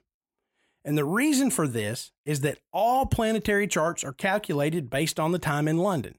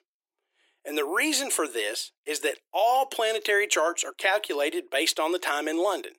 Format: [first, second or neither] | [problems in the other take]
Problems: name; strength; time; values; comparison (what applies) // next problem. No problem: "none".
first | thin; very; fading below 350 Hz